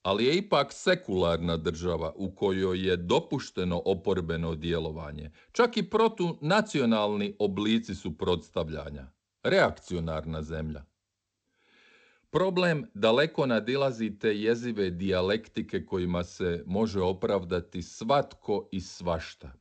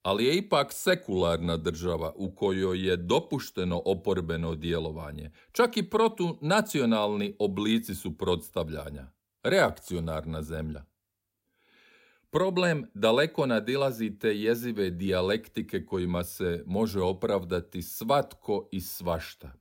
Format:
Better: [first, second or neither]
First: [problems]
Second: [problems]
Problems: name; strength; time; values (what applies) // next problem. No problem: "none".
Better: second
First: garbled, watery; slightly; nothing above 8 kHz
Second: none